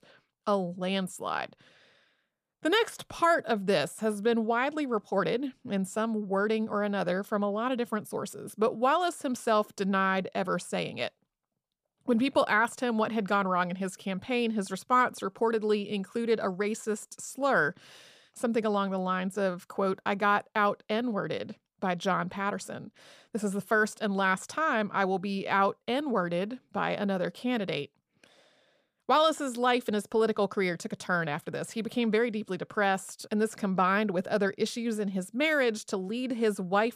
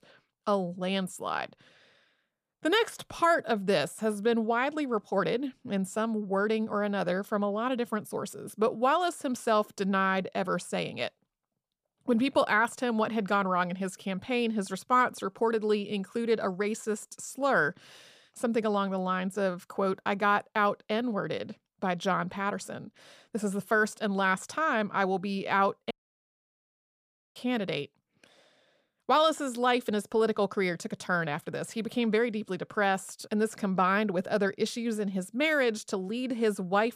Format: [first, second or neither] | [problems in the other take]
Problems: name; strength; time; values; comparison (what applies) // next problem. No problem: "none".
first | audio cutting out; at 26 s for 1.5 s